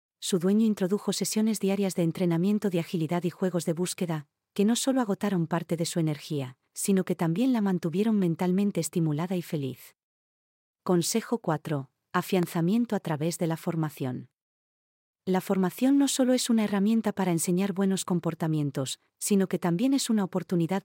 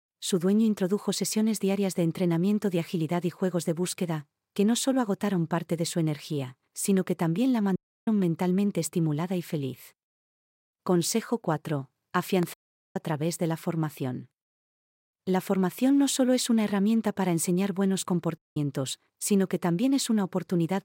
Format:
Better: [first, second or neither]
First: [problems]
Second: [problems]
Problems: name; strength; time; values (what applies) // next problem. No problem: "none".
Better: first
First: none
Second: audio cutting out; at 8 s, at 13 s and at 18 s